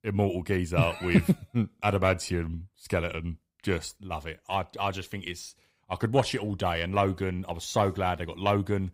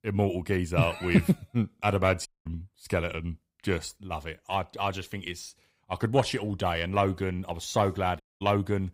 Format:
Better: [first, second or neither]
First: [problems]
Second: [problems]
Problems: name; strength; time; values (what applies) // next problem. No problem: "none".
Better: first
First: none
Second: audio cutting out; at 2.5 s and at 8 s